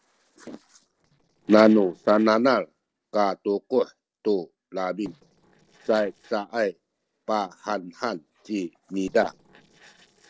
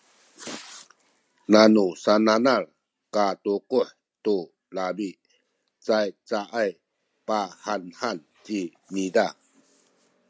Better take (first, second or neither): second